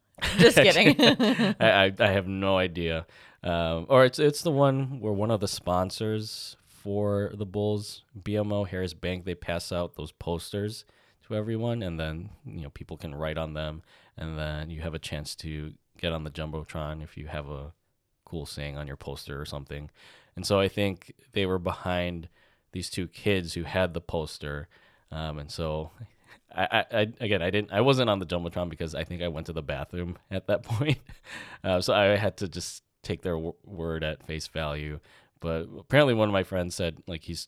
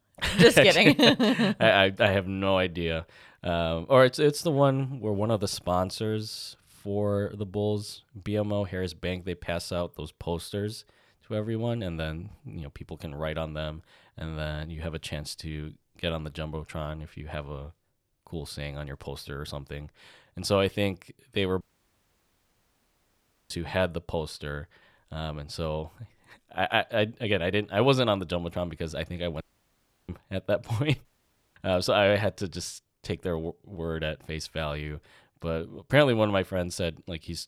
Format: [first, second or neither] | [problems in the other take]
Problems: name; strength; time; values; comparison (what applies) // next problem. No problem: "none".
first | audio cutting out; at 22 s for 2 s, at 29 s for 0.5 s and at 31 s for 0.5 s